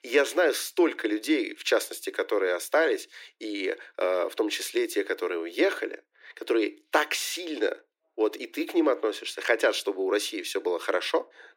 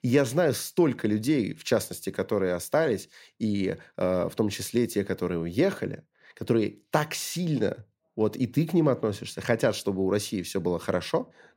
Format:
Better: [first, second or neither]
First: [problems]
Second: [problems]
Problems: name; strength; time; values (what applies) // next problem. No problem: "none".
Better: second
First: thin; very; fading below 300 Hz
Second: none